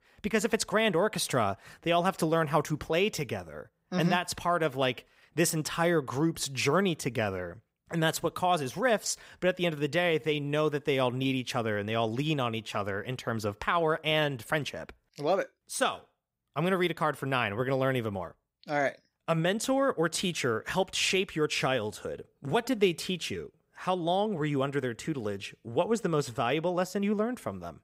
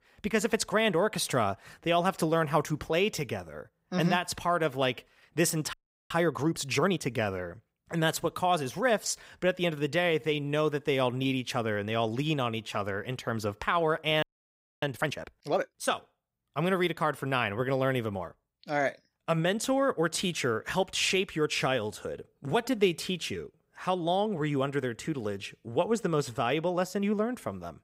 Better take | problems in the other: first | audio freezing; at 5.5 s and at 14 s for 0.5 s

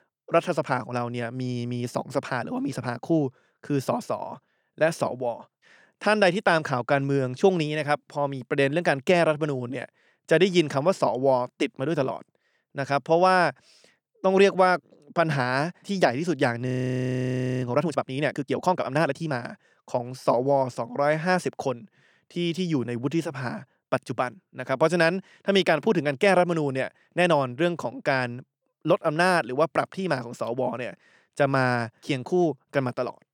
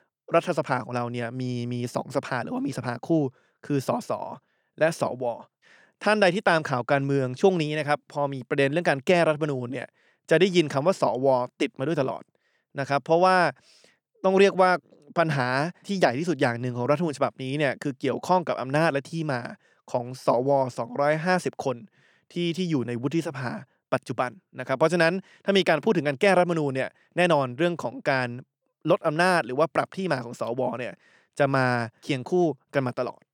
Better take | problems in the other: second | audio freezing; at 17 s for 1 s

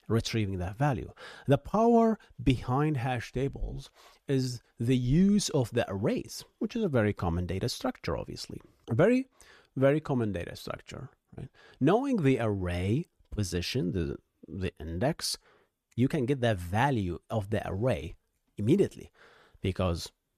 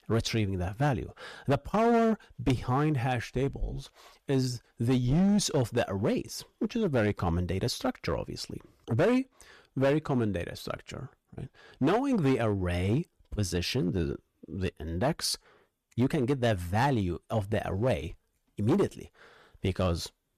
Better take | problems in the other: first | distortion; slight; 6% of the sound clipped

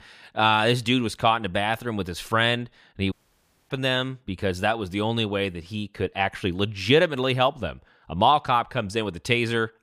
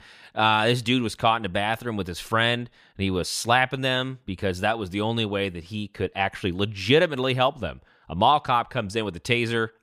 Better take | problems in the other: second | audio cutting out; at 3 s for 0.5 s

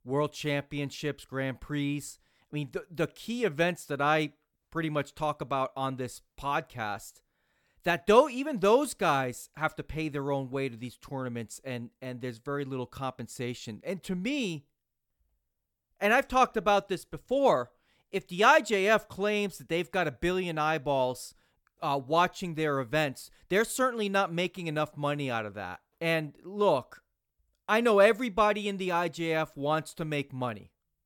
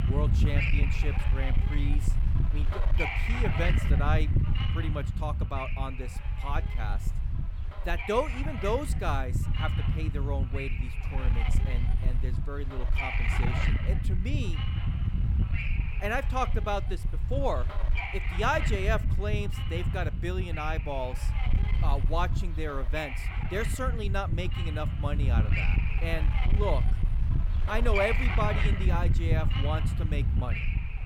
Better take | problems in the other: first | wind noise on the microphone; heavy; 4 dB below the speech

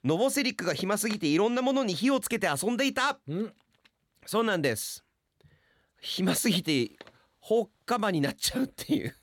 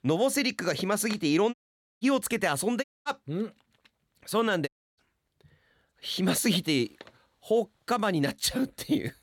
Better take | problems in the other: first | audio cutting out; at 1.5 s, at 3 s and at 4.5 s

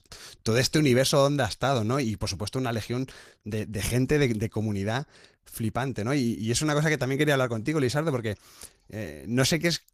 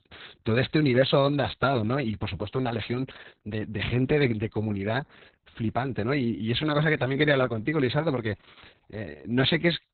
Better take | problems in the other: first | garbled, watery; badly; nothing above 4 kHz; slightly in the first

